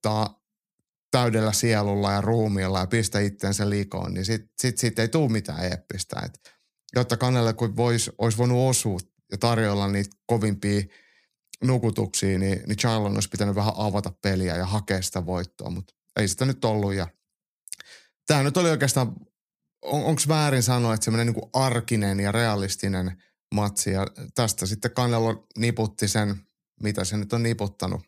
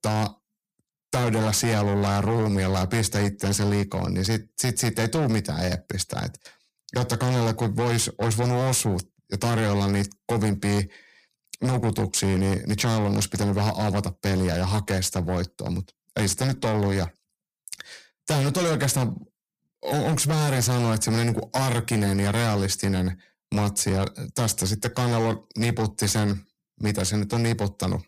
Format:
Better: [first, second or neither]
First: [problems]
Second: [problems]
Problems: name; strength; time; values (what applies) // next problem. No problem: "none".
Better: first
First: none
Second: distortion; heavy; 8 dB below the speech